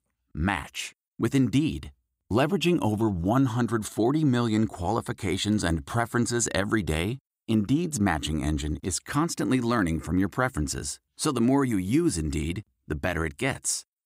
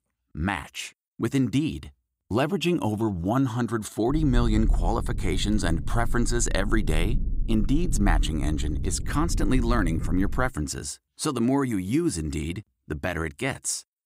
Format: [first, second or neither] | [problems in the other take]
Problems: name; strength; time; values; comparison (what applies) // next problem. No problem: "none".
first | low rumble; noticeable; from 4 to 10 s; 15 dB below the speech